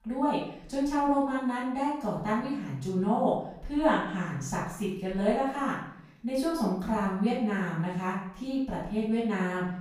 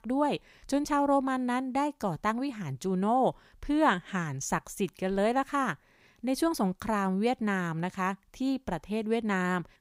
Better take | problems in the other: second | off-mic speech; far // room echo; noticeable; dies away in 0.7 s

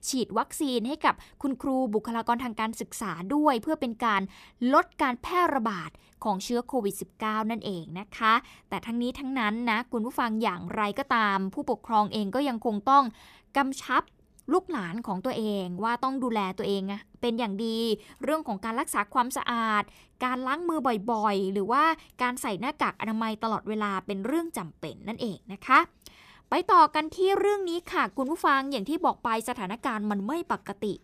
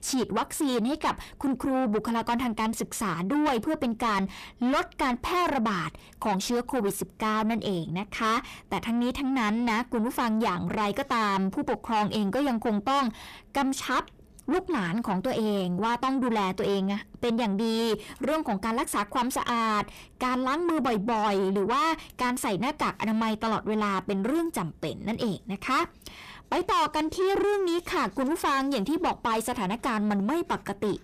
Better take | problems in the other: first | distortion; heavy; 6 dB below the speech

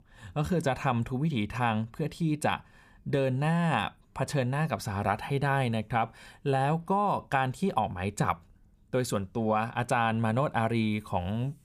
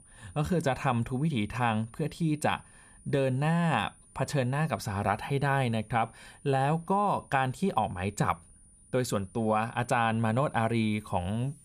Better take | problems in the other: first | high-pitched whine; faint; throughout; 9.5 kHz, 25 dB below the speech

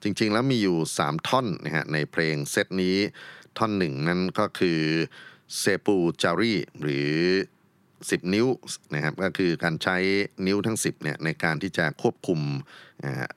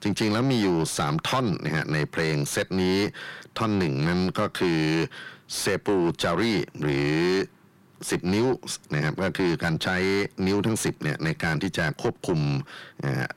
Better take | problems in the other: first | distortion; heavy; 8 dB below the speech

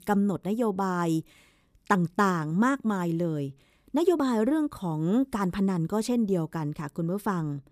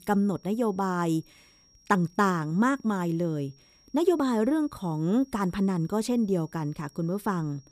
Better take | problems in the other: first | high-pitched whine; faint; throughout; 5.5 kHz, 30 dB below the speech

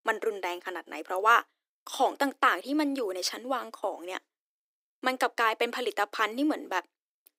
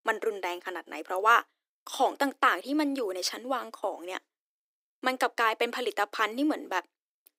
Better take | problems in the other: neither | thin; somewhat; fading below 300 Hz; the same in both

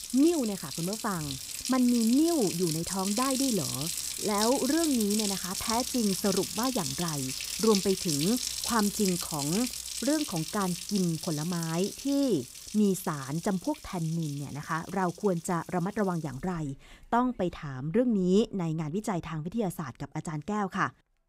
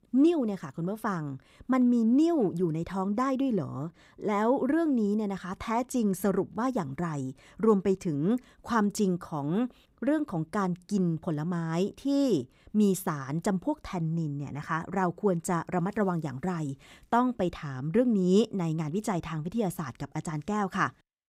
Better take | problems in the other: second | household noises; loud; throughout; 3 dB below the speech

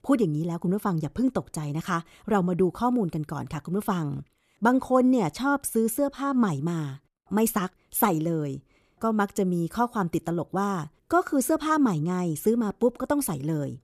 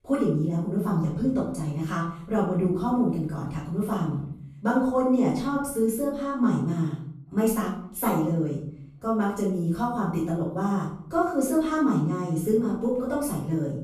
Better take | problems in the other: first | off-mic speech; far // room echo; noticeable; dies away in 0.6 s

